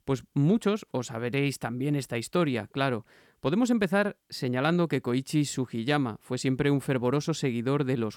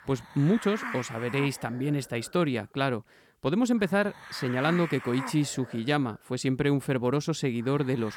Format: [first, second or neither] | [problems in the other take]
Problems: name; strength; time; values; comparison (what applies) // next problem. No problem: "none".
first | hiss; noticeable; throughout; 10 dB below the speech